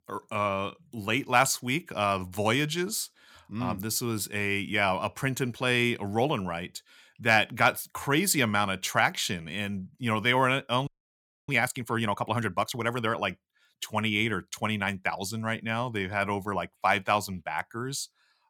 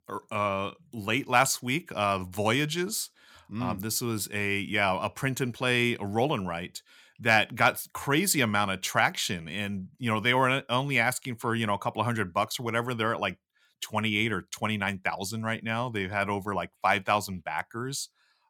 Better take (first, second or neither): second